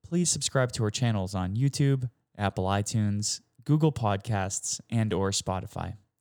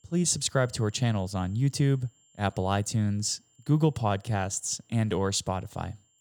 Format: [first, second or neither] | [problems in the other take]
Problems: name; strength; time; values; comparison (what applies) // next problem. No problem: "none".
first | high-pitched whine; faint; throughout; 7.5 kHz, 35 dB below the speech